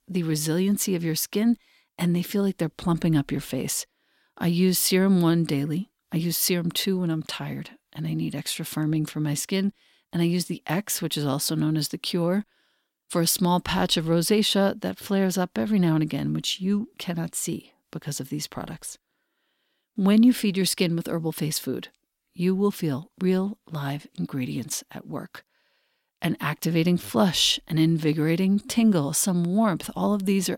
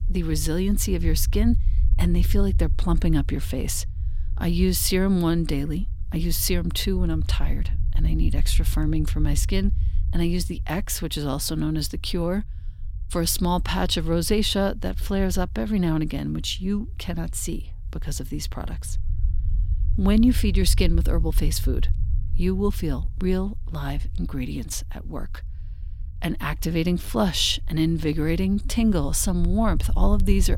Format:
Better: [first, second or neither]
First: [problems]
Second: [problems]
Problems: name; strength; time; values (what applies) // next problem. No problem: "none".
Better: first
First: none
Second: low rumble; faint; throughout; 20 dB below the speech